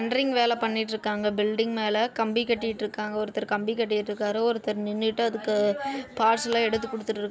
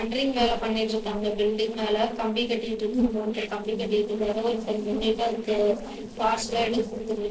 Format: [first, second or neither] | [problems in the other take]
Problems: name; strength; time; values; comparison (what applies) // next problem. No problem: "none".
first | noise reduction (neural separator model SepFormer DNS4)